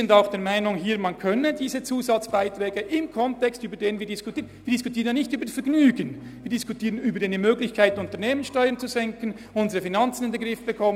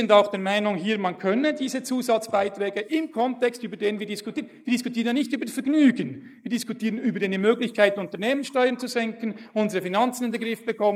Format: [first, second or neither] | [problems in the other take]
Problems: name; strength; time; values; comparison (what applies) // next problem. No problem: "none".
first | noise reduction (neural mask model Resemble Enhance denoiser)